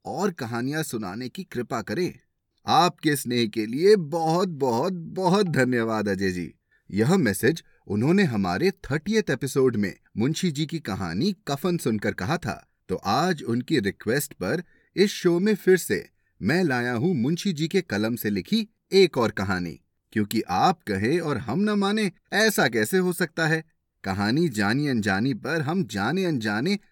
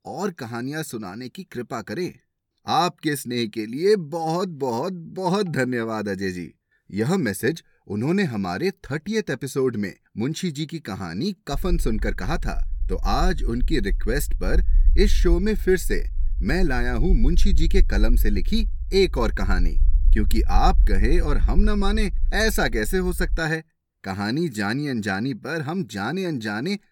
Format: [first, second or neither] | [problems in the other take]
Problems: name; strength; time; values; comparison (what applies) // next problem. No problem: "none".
first | low rumble; faint; from 12 to 23 s; 25 dB below the speech